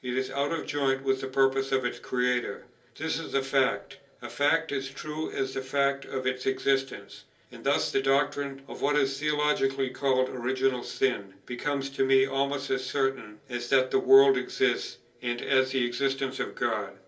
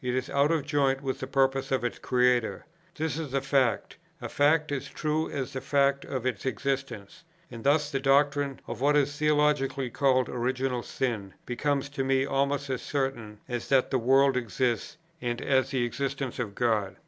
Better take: second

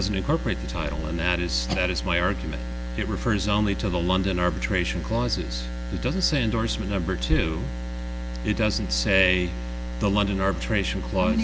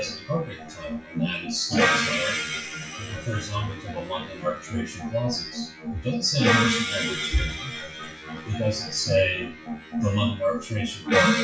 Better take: first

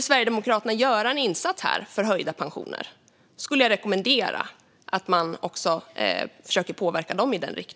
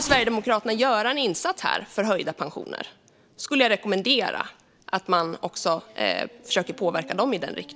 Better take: first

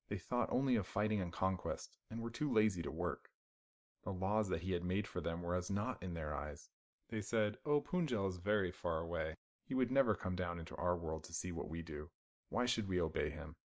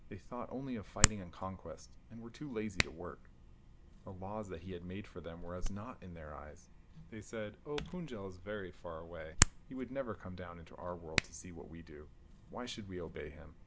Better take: first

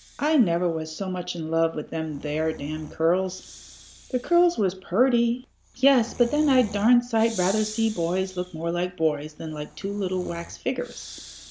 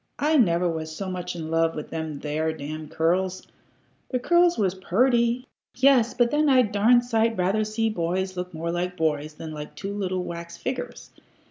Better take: second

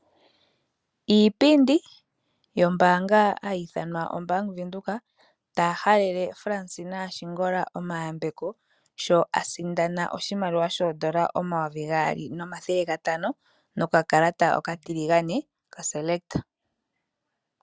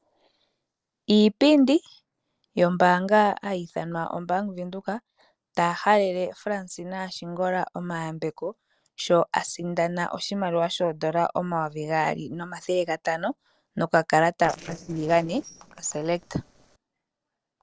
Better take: first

